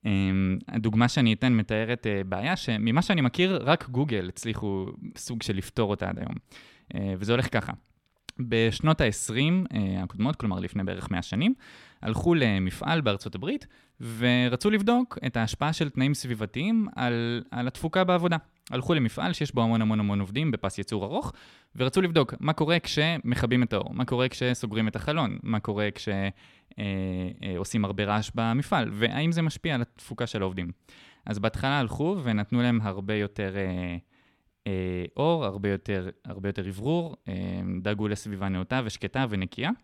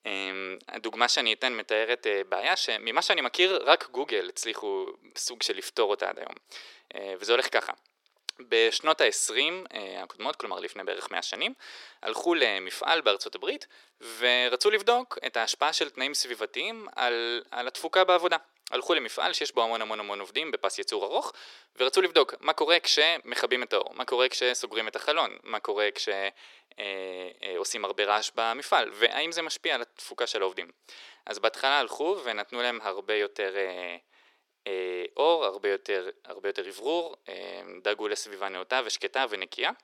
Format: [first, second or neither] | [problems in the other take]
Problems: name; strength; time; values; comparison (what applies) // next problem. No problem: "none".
first | thin; very; fading below 400 Hz